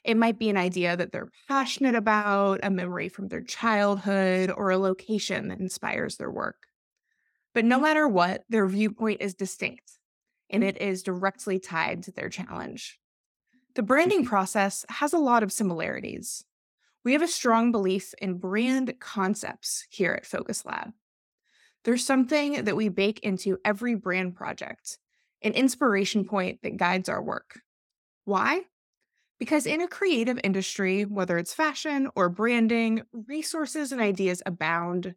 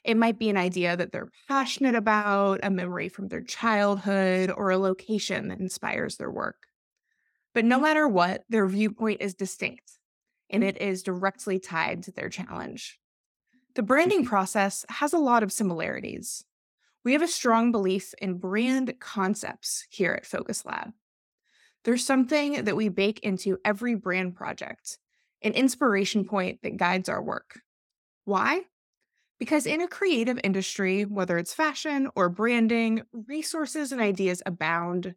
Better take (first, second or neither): neither